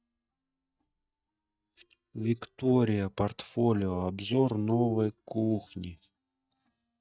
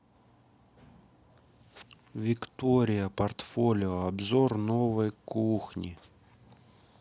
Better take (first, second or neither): second